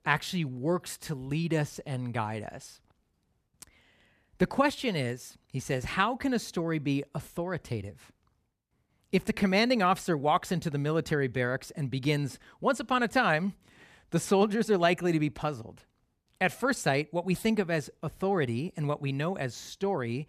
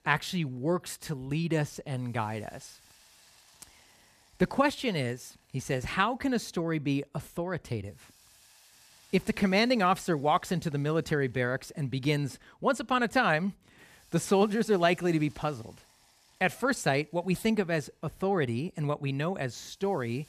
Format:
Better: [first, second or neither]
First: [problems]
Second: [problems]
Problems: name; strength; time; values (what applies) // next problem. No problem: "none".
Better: first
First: none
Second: hiss; faint; throughout; 30 dB below the speech